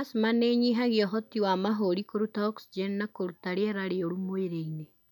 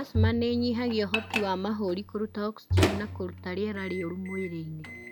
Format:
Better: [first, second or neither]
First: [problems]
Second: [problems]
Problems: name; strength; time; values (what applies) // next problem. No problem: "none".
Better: first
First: none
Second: background sound (Microwave oven + Bowed string instrument); 1 dB below the speech